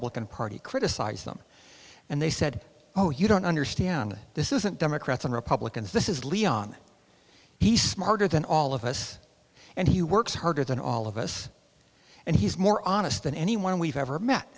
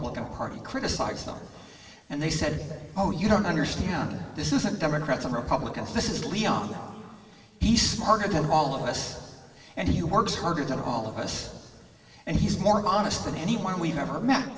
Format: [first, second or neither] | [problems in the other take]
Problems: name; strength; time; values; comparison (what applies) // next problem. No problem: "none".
first | room echo; dies away in 2.3 s